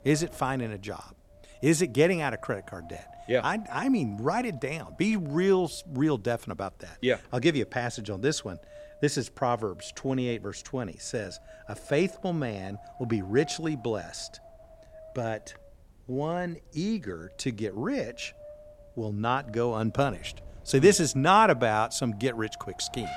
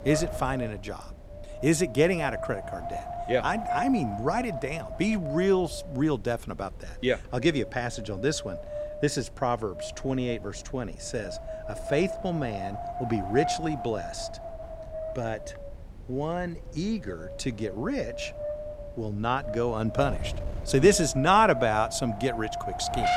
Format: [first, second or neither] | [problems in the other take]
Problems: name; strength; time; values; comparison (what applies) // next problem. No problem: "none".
first | wind noise on the microphone; heavy; 7 dB below the speech; occasional gusts in the first